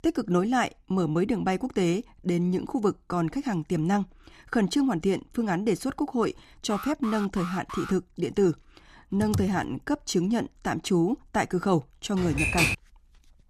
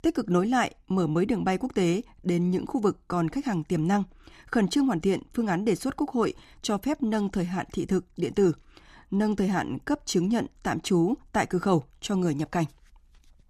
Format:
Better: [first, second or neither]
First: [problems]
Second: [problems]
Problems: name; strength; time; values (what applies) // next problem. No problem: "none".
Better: second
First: alarm; noticeable; from 6.5 to 8 s; peak 10 dB below the speech // keyboard typing; noticeable; at 9 s; peak 5 dB below the speech // keyboard typing; loud; at 12 s; peak 4 dB above the speech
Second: none